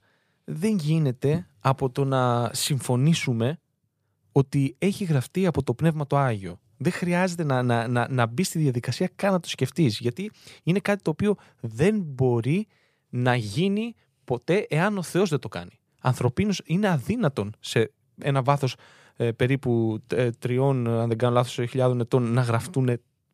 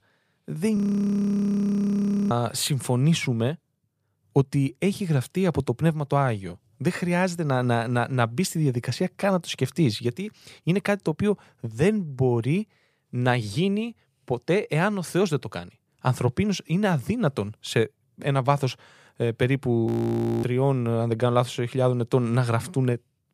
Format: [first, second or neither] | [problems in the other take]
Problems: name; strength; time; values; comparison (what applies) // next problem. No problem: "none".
first | audio freezing; at 1 s for 1.5 s and at 20 s for 0.5 s